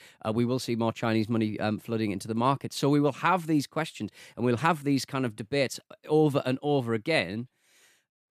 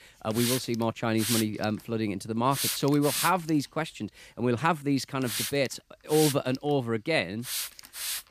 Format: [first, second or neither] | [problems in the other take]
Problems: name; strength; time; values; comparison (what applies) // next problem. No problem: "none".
first | hiss; loud; throughout; 4 dB below the speech